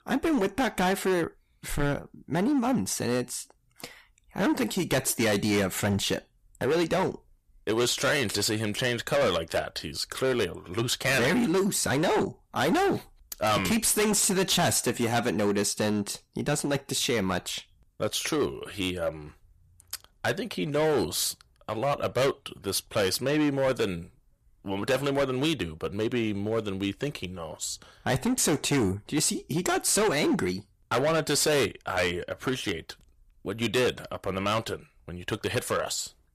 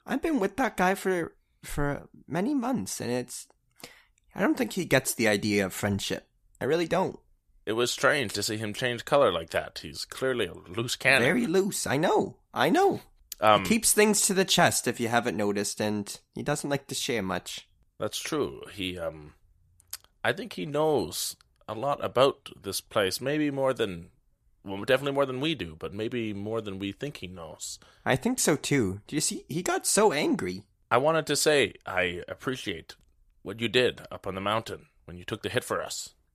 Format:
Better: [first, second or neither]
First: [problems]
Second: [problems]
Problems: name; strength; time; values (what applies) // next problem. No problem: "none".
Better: second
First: distortion; heavy; 12% of the sound clipped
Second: none